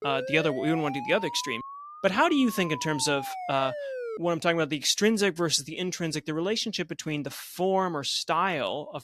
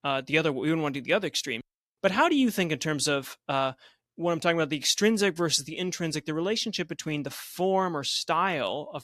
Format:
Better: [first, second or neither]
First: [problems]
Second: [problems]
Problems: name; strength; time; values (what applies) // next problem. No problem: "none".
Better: second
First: siren; noticeable; until 4 s; peak 8 dB below the speech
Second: none